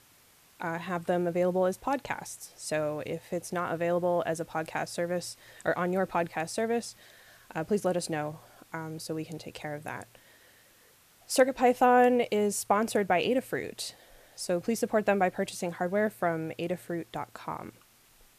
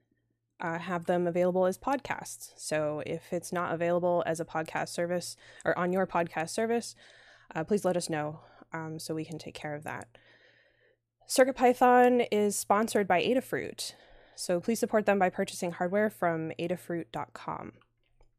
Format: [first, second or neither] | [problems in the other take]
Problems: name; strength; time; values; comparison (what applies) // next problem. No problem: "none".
second | hiss; faint; throughout; 30 dB below the speech